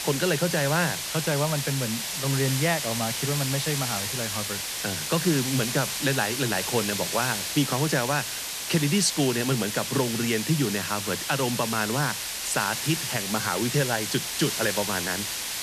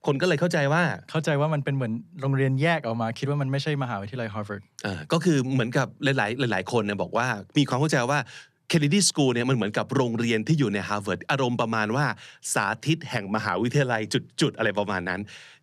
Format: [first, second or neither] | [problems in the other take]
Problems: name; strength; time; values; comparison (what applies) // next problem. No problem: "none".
second | hiss; loud; throughout; 2 dB below the speech